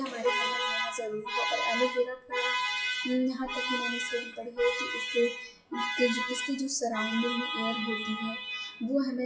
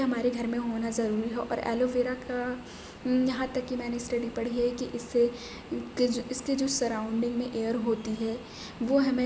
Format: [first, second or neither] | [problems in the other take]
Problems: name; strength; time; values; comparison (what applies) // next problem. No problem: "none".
second | noise reduction (classical method WPE with log-MMSE)